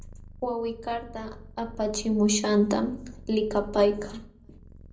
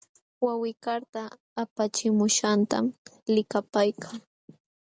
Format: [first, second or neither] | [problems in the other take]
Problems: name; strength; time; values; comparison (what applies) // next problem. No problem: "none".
second | background sound (Purr); 17 dB below the speech // room echo; dies away in 0.5 s